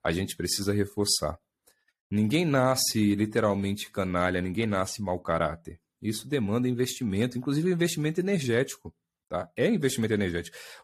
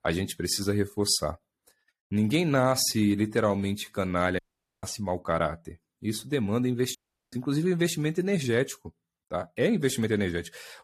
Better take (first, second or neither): first